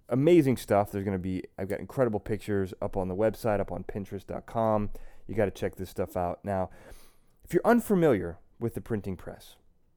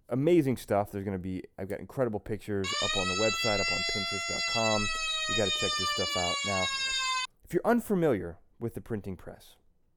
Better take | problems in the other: first | siren; loud; from 2.5 to 7.5 s; peak 5 dB above the speech

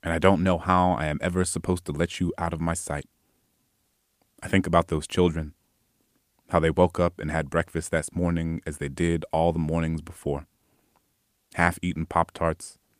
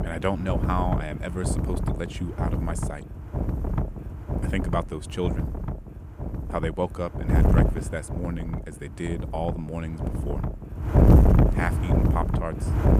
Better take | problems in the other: first | wind noise on the microphone; heavy; 1 dB below the speech

